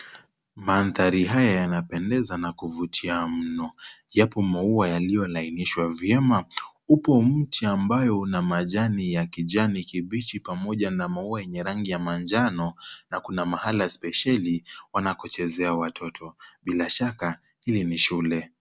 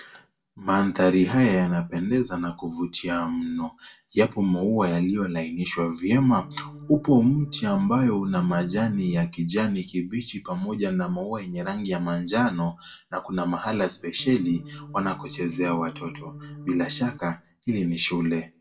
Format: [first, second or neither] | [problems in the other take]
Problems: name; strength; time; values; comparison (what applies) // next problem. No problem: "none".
first | background sound (Organ); 15 dB below the speech // room echo; dies away in 0.2 s